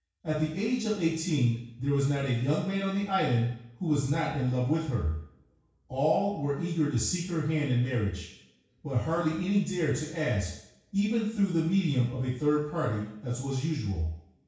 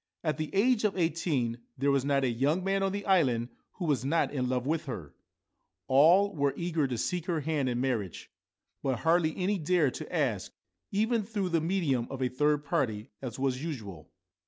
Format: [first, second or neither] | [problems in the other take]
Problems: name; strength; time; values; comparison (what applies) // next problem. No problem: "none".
second | room echo; dies away in 0.6 s